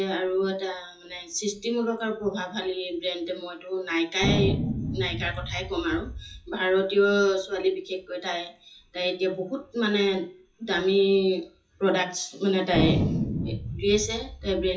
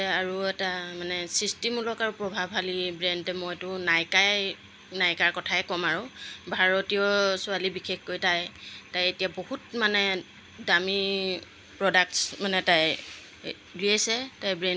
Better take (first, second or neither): second